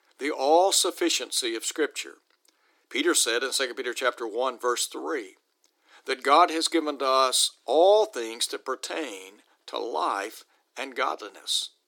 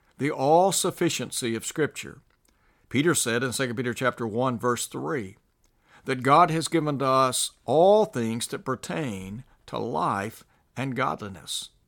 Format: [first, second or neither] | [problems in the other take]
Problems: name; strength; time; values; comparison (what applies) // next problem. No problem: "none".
second | thin; somewhat; fading below 300 Hz